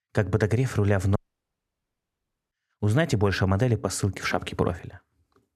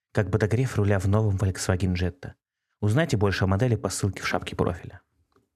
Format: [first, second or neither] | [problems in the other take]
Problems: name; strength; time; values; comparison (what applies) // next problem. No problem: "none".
second | audio cutting out; at 1 s for 1.5 s